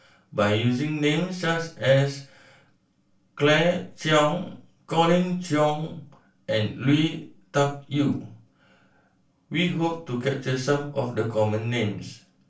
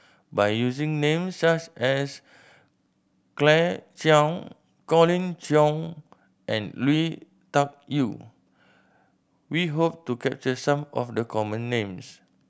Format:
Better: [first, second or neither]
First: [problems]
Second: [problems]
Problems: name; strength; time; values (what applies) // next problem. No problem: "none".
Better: second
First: room echo; dies away in 0.3 s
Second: none